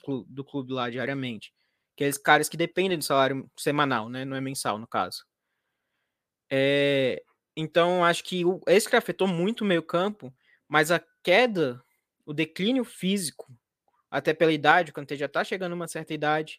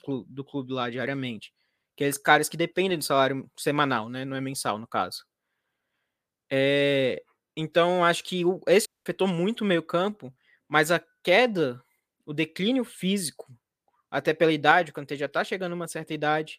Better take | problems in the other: first | audio cutting out; at 9 s

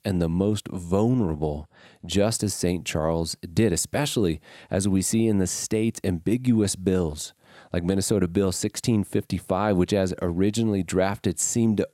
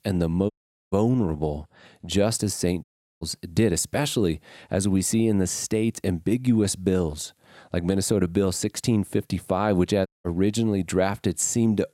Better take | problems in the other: first | audio cutting out; at 0.5 s, at 3 s and at 10 s

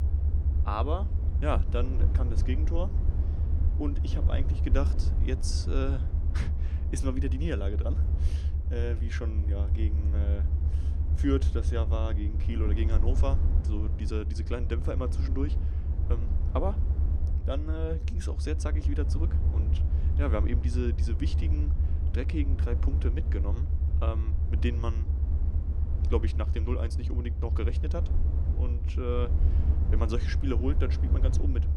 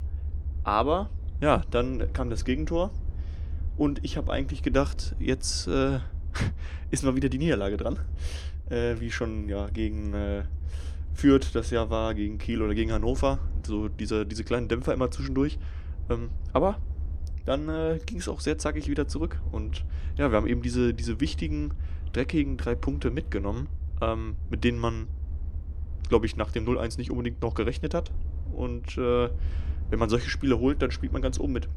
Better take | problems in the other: second | low rumble; loud; throughout; 7 dB below the speech; faint in the second

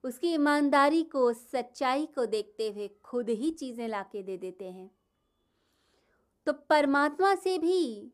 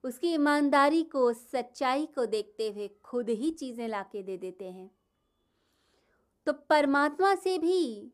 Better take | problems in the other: neither | none

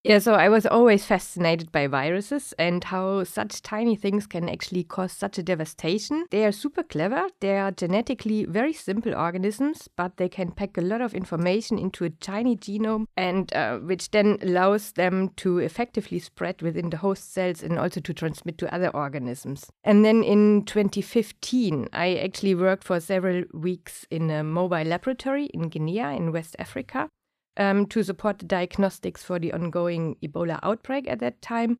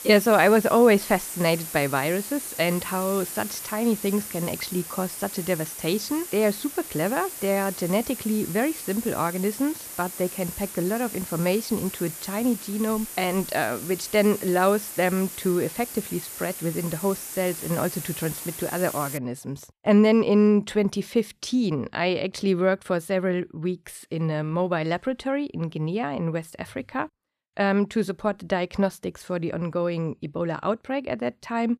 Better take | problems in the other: first | hiss; loud; until 19 s; 9 dB below the speech

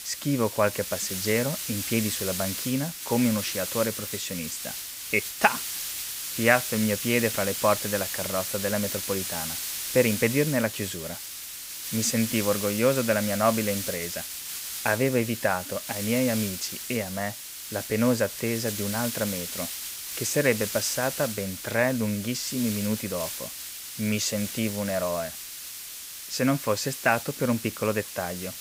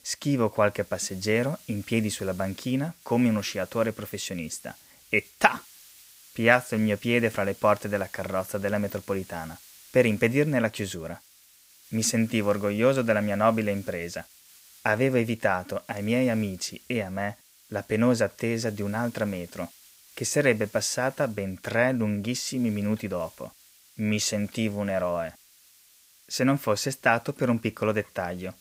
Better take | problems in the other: second | hiss; loud; throughout; 5 dB below the speech; faint in the second

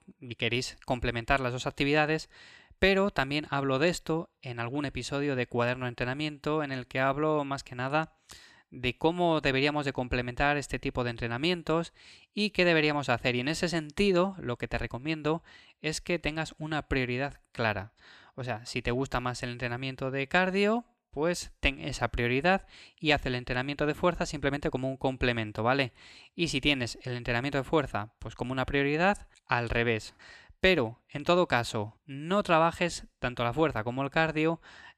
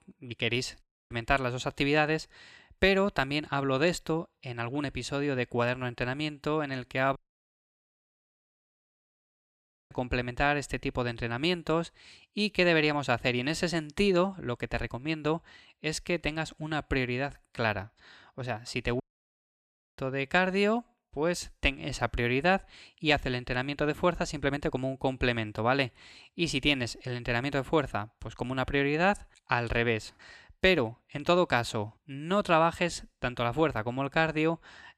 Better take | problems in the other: first | audio cutting out; at 1 s, at 7 s for 3 s and at 19 s for 1 s

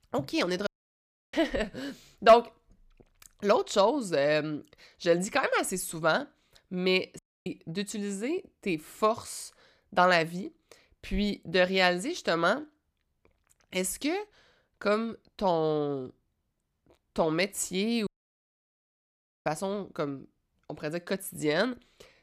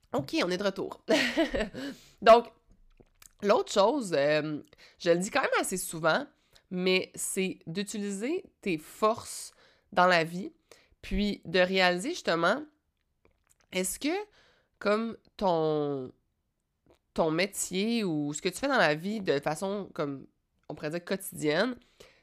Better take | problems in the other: second | audio cutting out; at 0.5 s for 0.5 s, at 7 s and at 18 s for 1.5 s

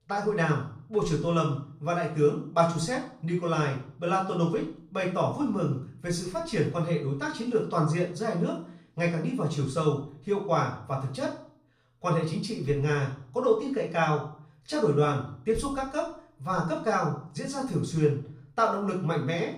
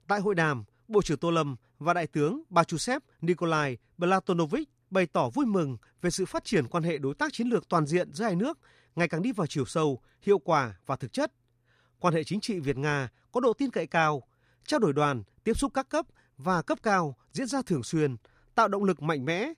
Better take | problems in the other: second | off-mic speech; far // room echo; noticeable; dies away in 0.5 s

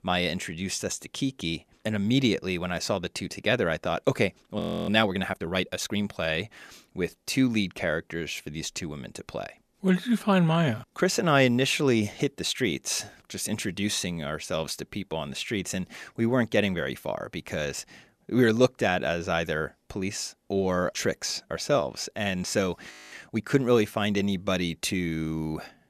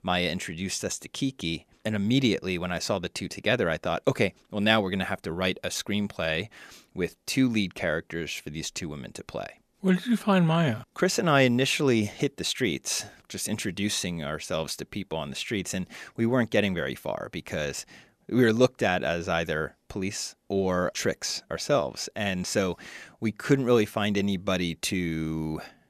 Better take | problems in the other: second | audio freezing; at 4.5 s and at 23 s

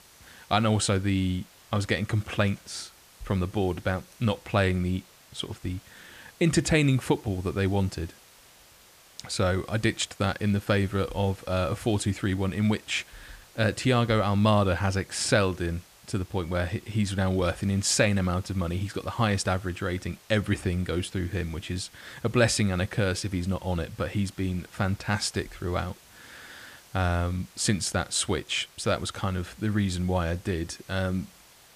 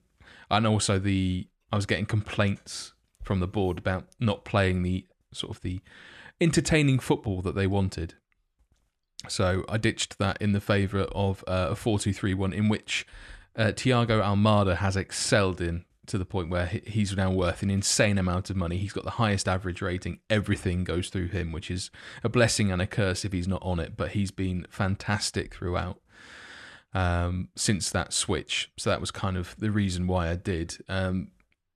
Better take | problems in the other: second | hiss; faint; throughout; 25 dB below the speech

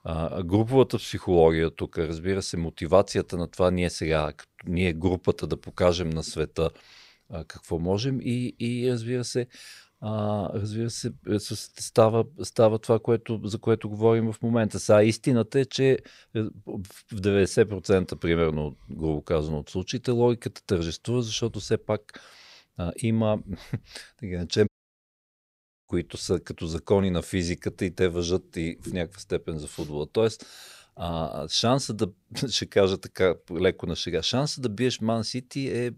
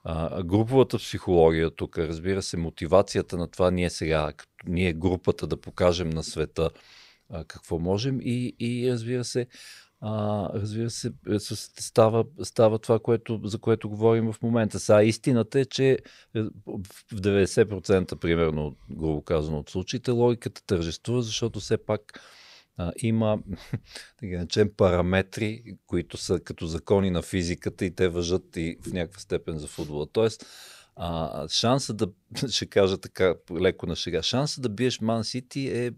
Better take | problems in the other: second | audio cutting out; at 25 s for 1 s

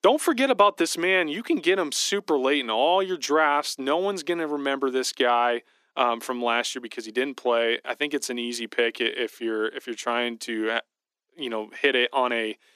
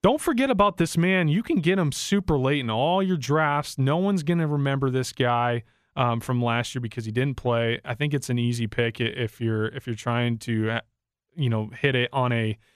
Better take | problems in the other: second | thin; somewhat; fading below 300 Hz

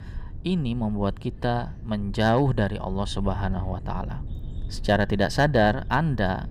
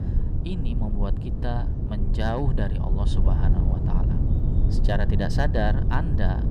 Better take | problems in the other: first | low rumble; loud; throughout; 6 dB below the speech; faint in the first

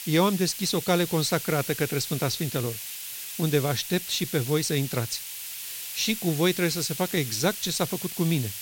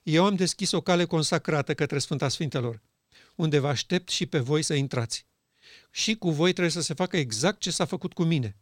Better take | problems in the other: second | hiss; loud; throughout; 7 dB below the speech

